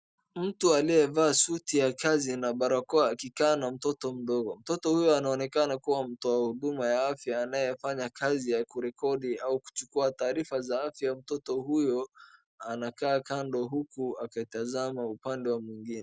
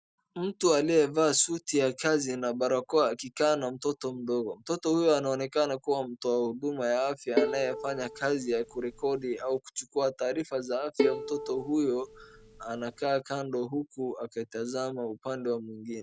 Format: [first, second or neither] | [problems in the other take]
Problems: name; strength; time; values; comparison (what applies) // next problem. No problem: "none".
first | background sound (Bowed string instrument); 6 dB below the speech